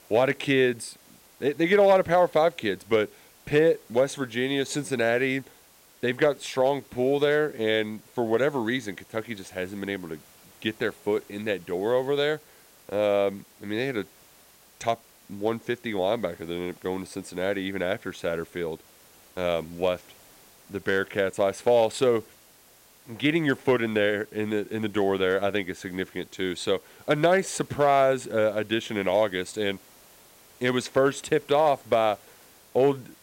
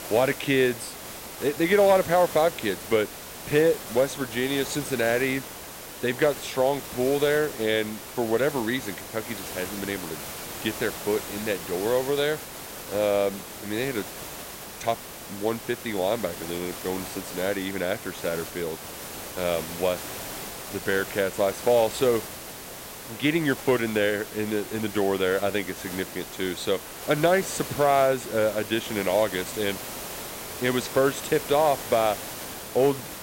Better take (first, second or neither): first